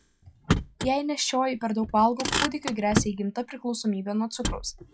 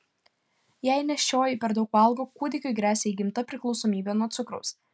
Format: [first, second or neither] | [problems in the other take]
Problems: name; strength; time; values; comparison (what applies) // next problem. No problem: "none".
second | noise reduction (classical method log-MMSE)